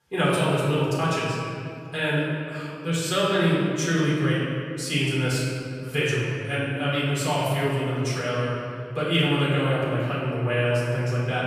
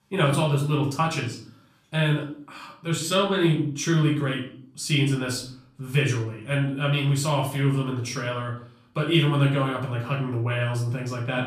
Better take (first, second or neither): second